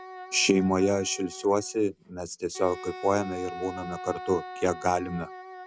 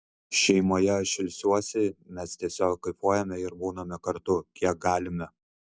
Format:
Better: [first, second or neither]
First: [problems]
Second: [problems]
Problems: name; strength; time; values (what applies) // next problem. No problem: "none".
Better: second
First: background sound (Wind instrument, woodwind instrument); 13 dB below the speech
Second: none